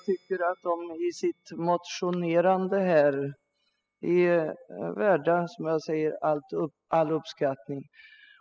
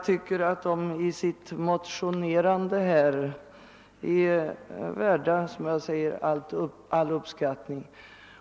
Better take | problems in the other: second | noise reduction (classical method spectral subtraction)

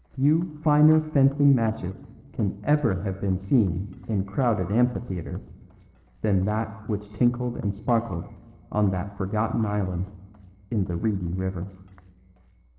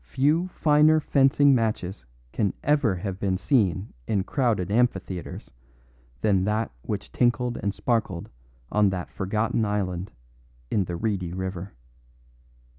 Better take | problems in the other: second | noise reduction (neural separator model SepFormer DNS4)

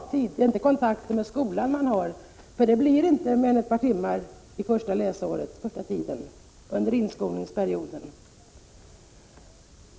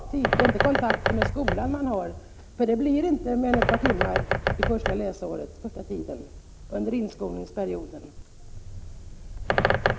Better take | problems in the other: first | background sound (Bird); as loud as the speech

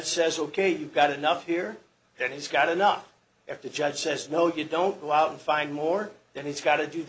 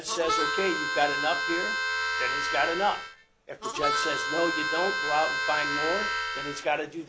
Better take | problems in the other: first | background sound (Harmonica); 1 dB above the speech

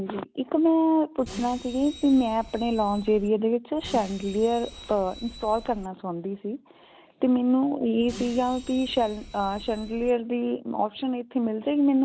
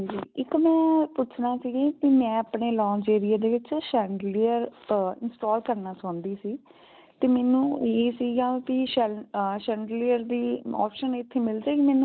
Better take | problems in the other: second | background sound (Bus); 16 dB below the speech

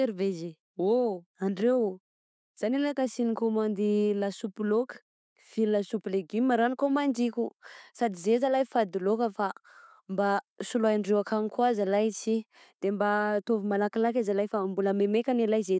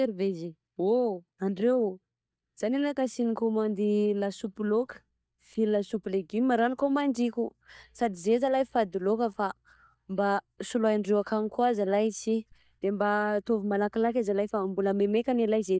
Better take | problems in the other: first | noise reduction (neural mask model DeepFilterNet 3)

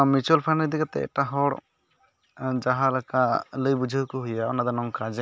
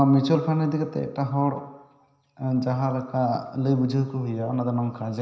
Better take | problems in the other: first | room echo; dies away in 0.9 s

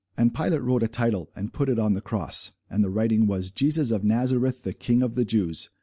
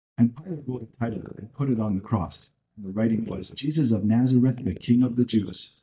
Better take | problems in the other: first | noise reduction (neural mask model DeepFilterNet 3)

